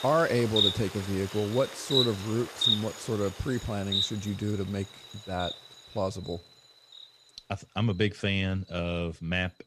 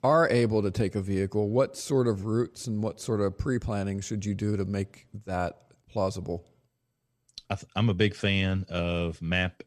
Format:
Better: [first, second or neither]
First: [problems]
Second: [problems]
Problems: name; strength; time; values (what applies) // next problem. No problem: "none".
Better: second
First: animal sounds; very loud; throughout; 1 dB above the speech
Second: none